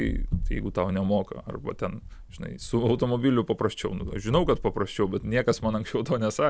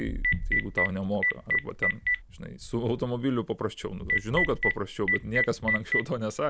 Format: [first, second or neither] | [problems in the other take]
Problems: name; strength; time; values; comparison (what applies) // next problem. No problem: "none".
first | background sound (Telephone); 1 dB above the speech